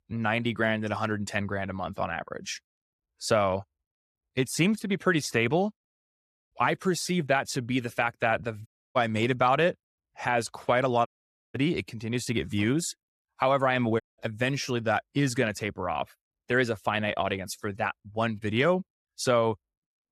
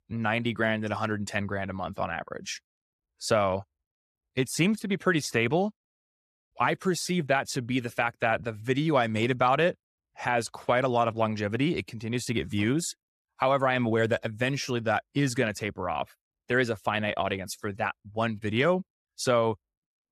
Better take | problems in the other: second | audio cutting out; at 8.5 s, at 11 s and at 14 s

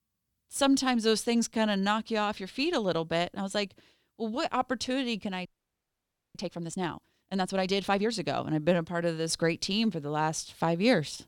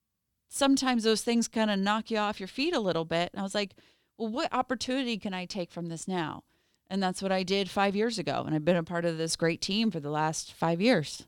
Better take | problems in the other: second | audio freezing; at 5.5 s for 1 s

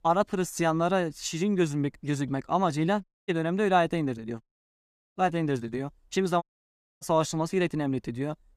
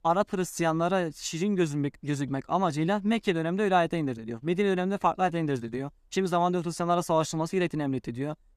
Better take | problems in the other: second | audio cutting out; at 3 s, at 4.5 s for 0.5 s and at 6.5 s for 0.5 s

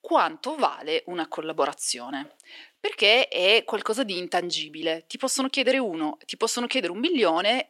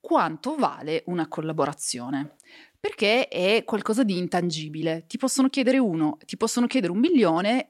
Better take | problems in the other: second | thin; somewhat; fading below 450 Hz

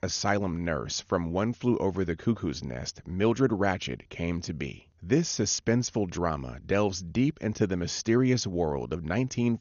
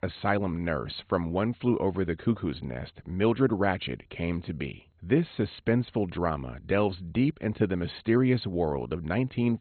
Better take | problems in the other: first | garbled, watery; badly; nothing above 4 kHz; slightly in the first

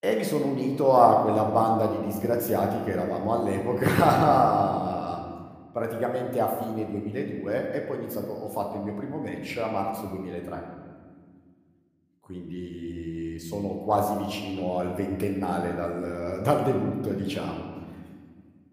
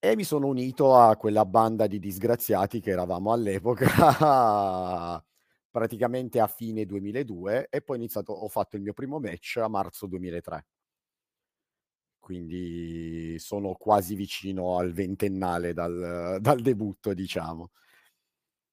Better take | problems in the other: second | room echo; slight; dies away in 1.5 s

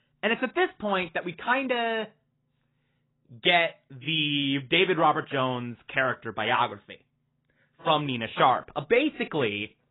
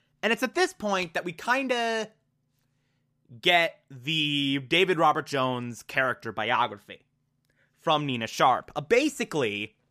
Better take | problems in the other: second | garbled, watery; badly; nothing above 3.5 kHz

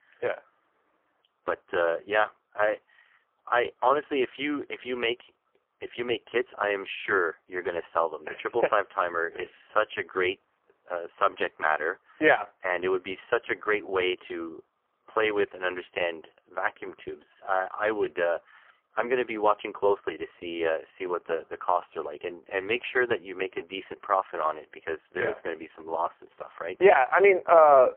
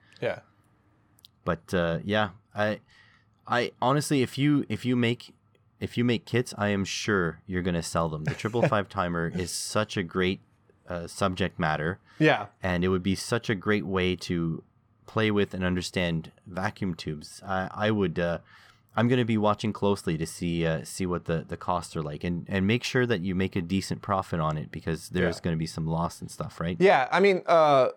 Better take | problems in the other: second | phone-call audio; poor line; nothing above 3 kHz

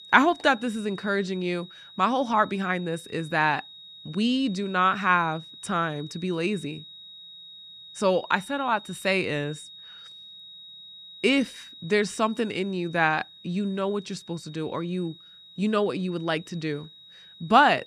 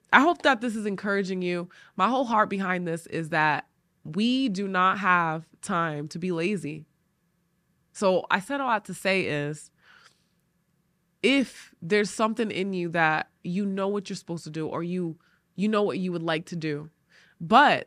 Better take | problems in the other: second | high-pitched whine; noticeable; throughout; 4 kHz, 20 dB below the speech

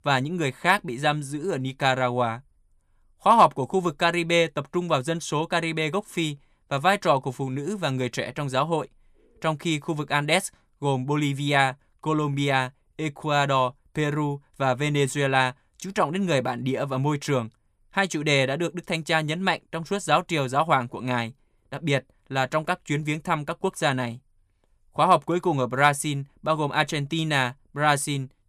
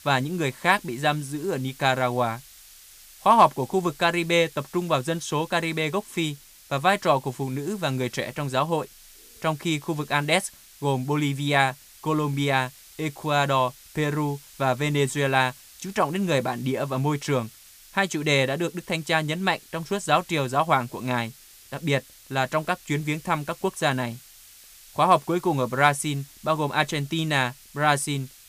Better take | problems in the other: first | hiss; faint; throughout; 20 dB below the speech

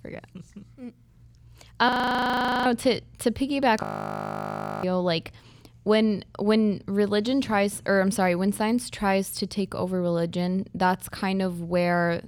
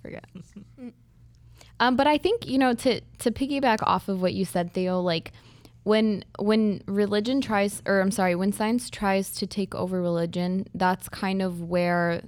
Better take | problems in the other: second | audio freezing; at 2 s for 1 s and at 4 s for 1 s

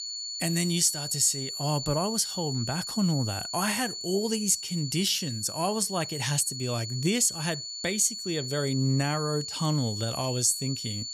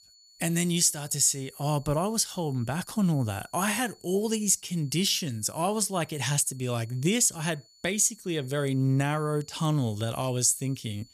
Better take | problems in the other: second | high-pitched whine; loud; throughout; 4.5 kHz, 6 dB below the speech; faint in the second

